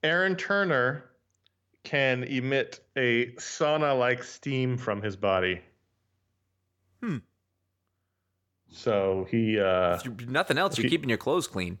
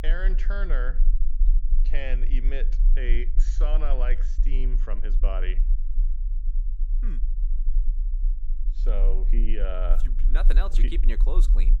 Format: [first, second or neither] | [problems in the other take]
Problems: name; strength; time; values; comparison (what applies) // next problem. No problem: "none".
first | low rumble; noticeable; throughout; 15 dB below the speech